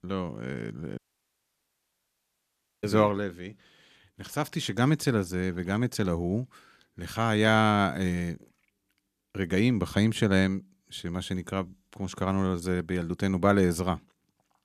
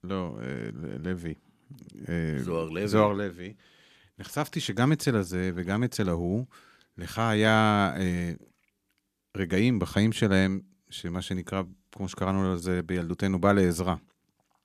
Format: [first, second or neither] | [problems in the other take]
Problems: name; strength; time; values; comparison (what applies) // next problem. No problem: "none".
second | audio cutting out; at 1 s for 2 s